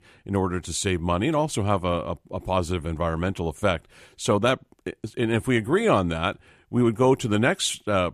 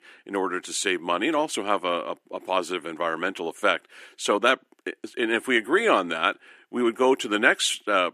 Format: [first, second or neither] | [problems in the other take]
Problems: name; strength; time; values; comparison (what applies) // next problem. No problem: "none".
first | thin; somewhat; fading below 300 Hz